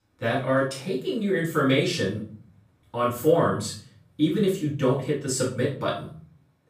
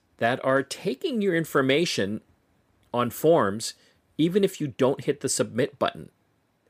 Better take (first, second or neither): second